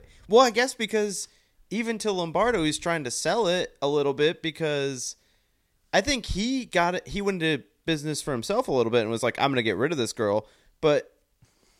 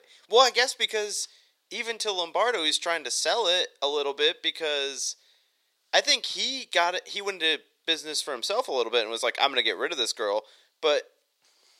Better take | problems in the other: first | thin; very; fading below 450 Hz

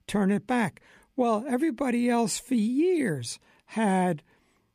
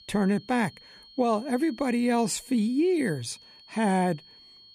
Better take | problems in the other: first | high-pitched whine; faint; throughout; 4.5 kHz, 25 dB below the speech

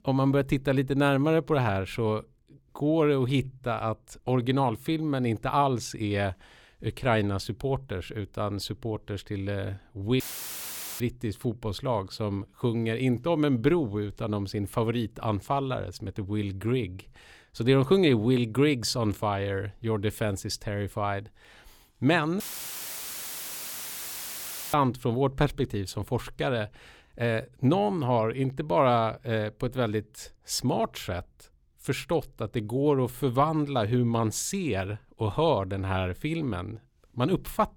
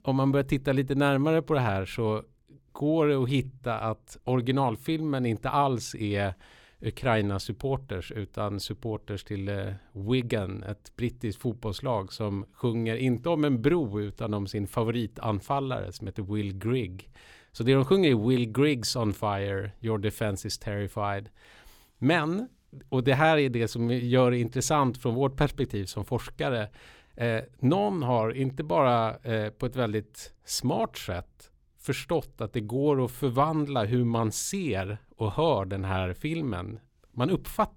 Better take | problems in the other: second | audio cutting out; filled with static; at 10 s for 1 s and at 22 s for 2.5 s

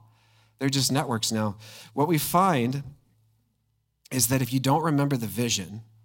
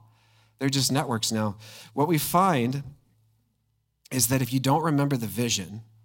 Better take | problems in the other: neither | none

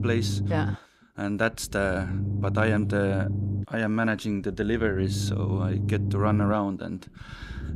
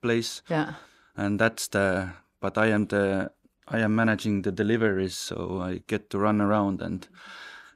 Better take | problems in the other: second | low rumble; noticeable; throughout; 10 dB below the speech

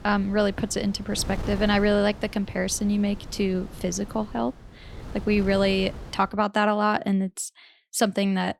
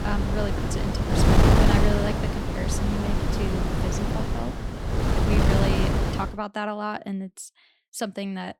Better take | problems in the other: first | wind noise on the microphone; heavy; until 6.5 s; 4 dB above the speech; occasional gusts in the first

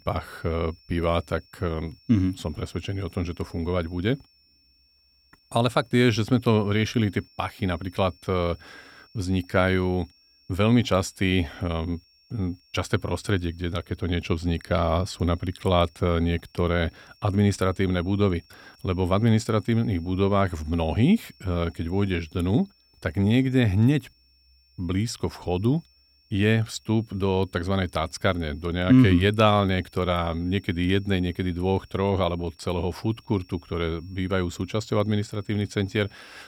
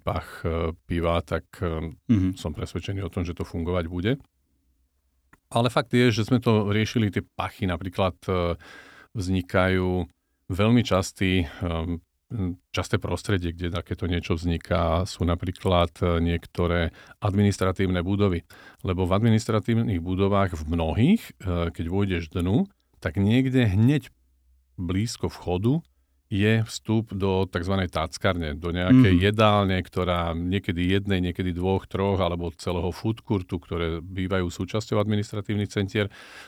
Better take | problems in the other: second | high-pitched whine; faint; throughout; 5.5 kHz, 30 dB below the speech

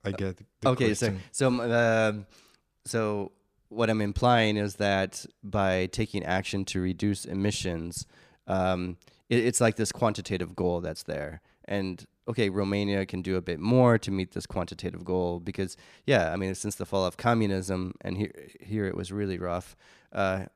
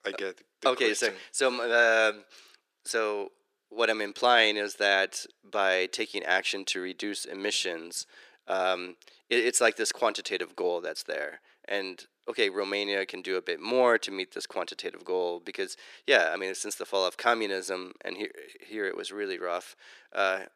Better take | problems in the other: first | thin; very; fading below 350 Hz

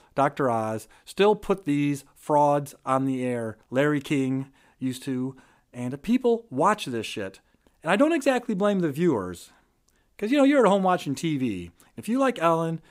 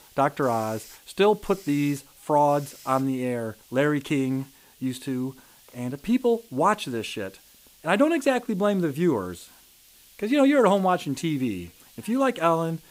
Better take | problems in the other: first | hiss; faint; throughout; 25 dB below the speech

